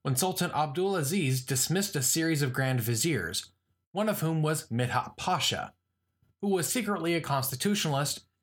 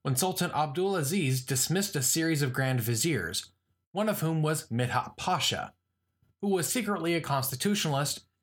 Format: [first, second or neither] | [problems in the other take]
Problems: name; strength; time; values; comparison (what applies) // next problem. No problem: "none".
neither | none